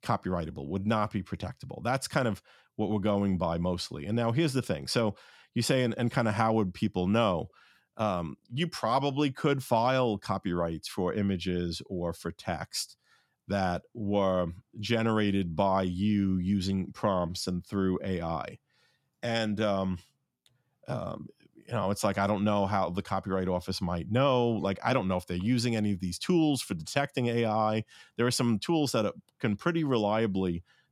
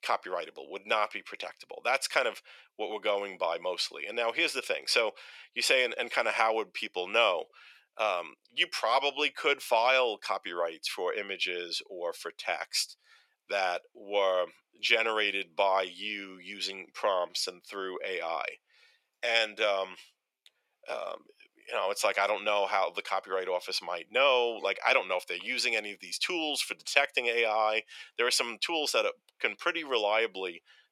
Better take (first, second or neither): first